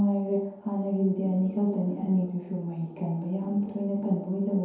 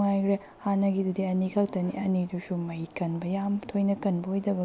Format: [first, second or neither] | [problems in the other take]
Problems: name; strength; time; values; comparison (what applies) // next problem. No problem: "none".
second | background sound (Organ); 15 dB below the speech // room echo; dies away in 0.9 s